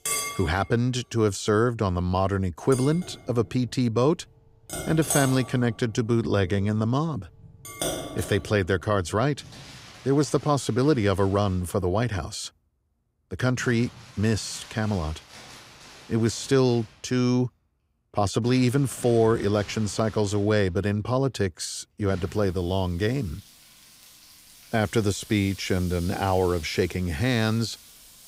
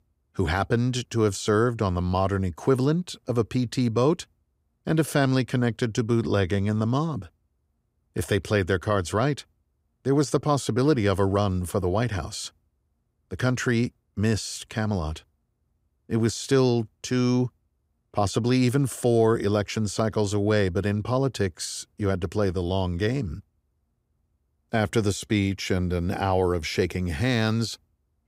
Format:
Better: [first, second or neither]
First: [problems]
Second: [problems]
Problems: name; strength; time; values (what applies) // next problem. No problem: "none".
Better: second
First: household noises; noticeable; throughout; 15 dB below the speech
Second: none